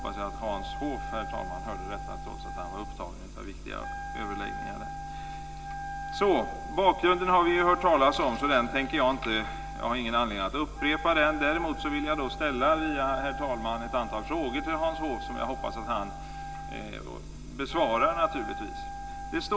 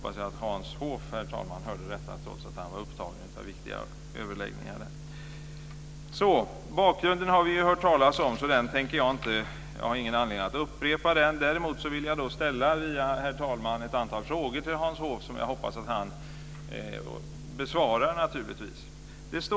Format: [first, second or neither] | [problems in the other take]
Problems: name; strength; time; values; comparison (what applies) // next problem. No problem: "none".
second | background sound (Wind instrument, woodwind instrument); 10 dB below the speech // room echo; dies away in 1.8 s